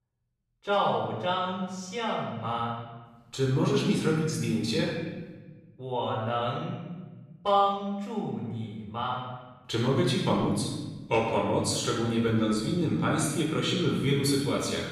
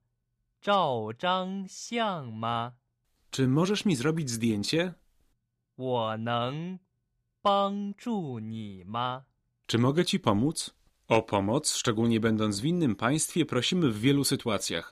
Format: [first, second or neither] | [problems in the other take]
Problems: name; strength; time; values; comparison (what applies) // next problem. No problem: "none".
second | room echo; noticeable; dies away in 1.1 s // off-mic speech; far